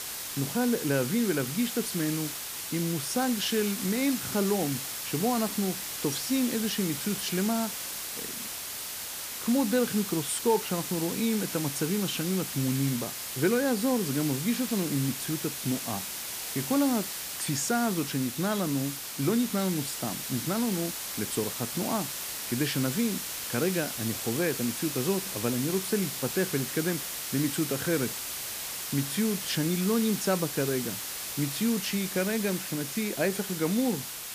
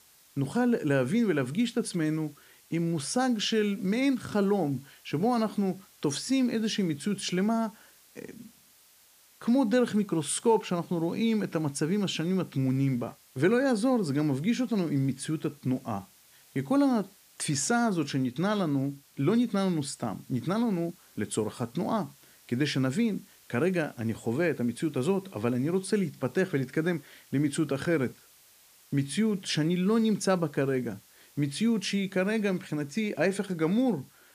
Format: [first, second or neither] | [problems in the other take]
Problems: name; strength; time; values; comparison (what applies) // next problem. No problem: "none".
second | hiss; loud; throughout; 3 dB below the speech; faint in the second